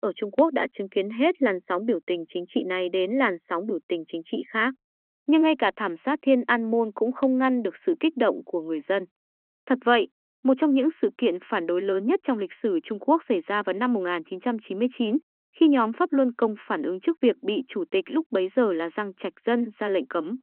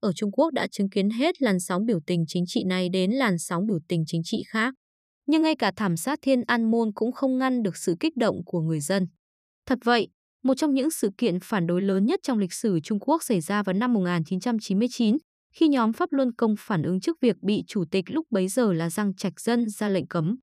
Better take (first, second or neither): second